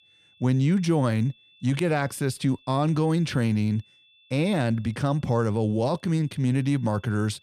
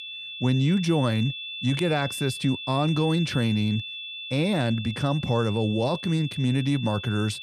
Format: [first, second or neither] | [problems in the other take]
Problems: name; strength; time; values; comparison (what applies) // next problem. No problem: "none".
first | high-pitched whine; loud; throughout; 3.5 kHz, 9 dB below the speech; faint in the first